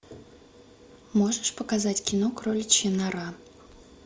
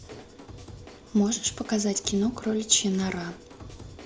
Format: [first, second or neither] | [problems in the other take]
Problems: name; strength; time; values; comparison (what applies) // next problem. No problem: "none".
first | background sound (Drum / Drum kit); 17 dB below the speech